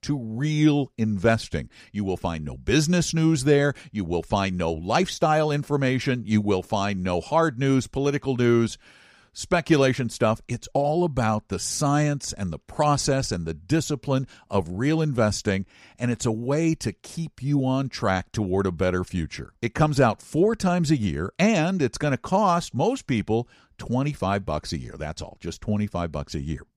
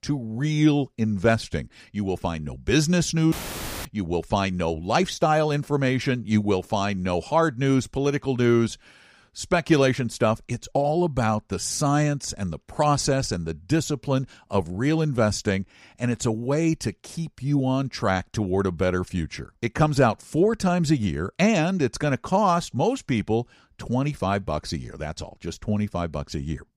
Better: first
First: none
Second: audio cutting out; filled with static; at 3.5 s for 0.5 s

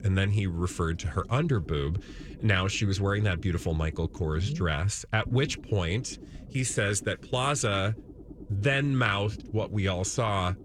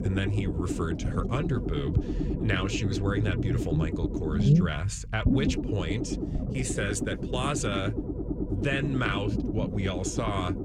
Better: first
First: low rumble; faint; throughout; 20 dB below the speech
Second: low rumble; loud; throughout; 3 dB below the speech

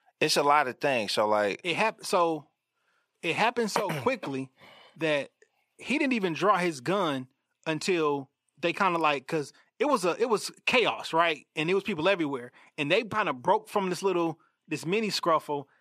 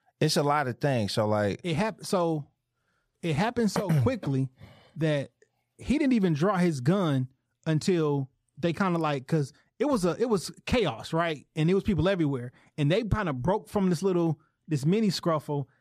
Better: second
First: thin; somewhat; fading below 350 Hz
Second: none

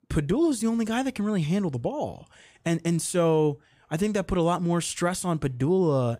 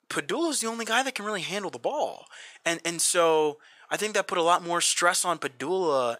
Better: first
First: none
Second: thin; very; fading below 600 Hz

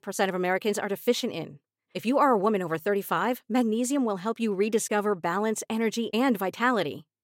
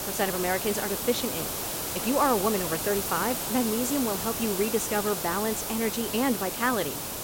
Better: first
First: none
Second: hiss; loud; throughout; 2 dB below the speech

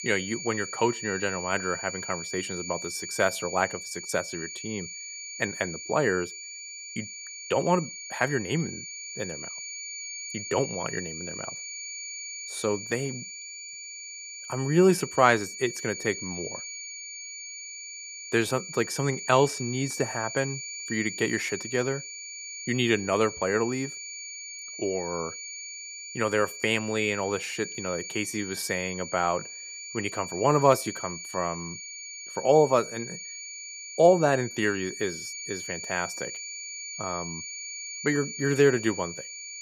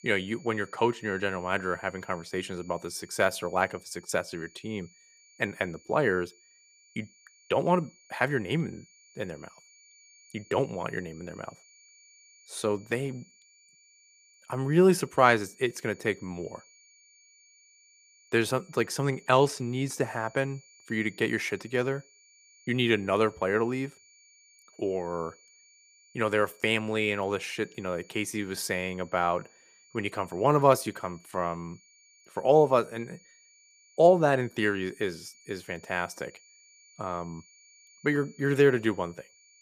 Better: second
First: high-pitched whine; loud; throughout; 2.5 kHz, 9 dB below the speech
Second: high-pitched whine; faint; throughout; 2.5 kHz, 30 dB below the speech

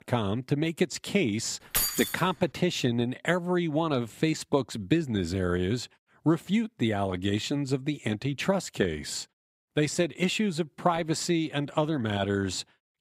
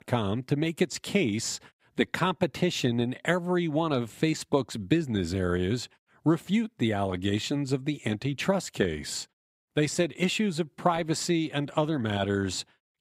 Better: second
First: jangling keys; loud; at 1.5 s; peak 2 dB above the speech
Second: none

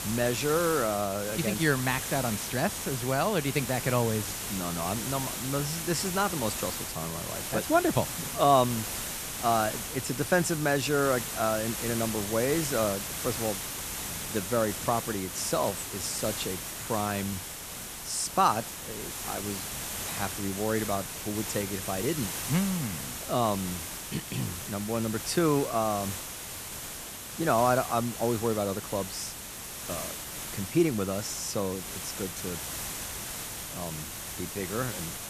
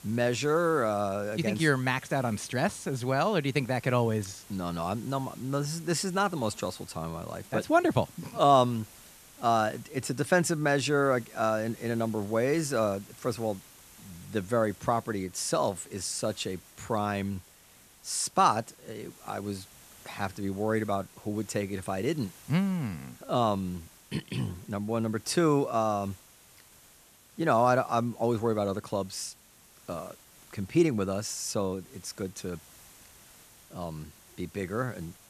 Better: second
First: hiss; loud; throughout; 5 dB below the speech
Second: hiss; faint; throughout; 20 dB below the speech

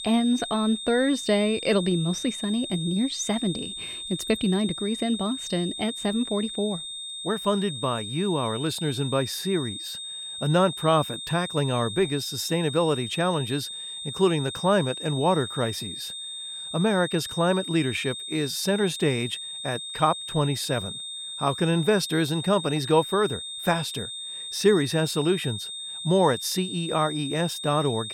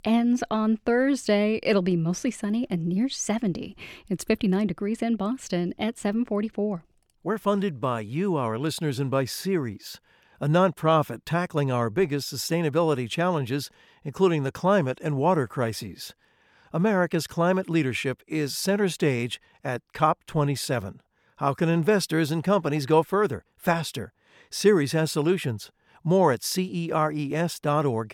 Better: second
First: high-pitched whine; loud; throughout; 3.5 kHz, 7 dB below the speech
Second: none

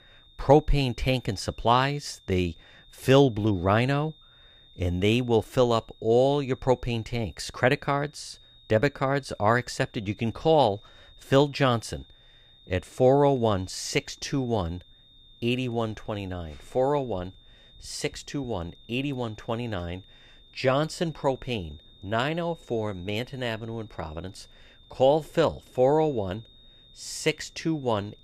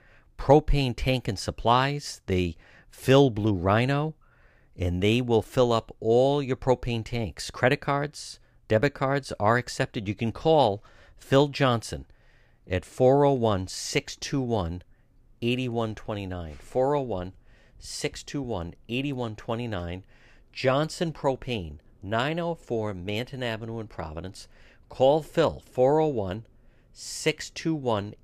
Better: second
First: high-pitched whine; faint; throughout; 3.5 kHz, 30 dB below the speech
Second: none

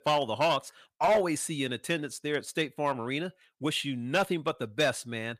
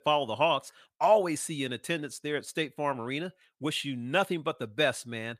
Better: second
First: distortion; slight; 3% of the sound clipped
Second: none

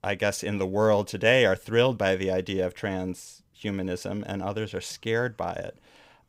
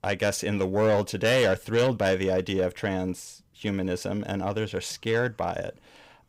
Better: first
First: none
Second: distortion; slight; 10 dB below the speech

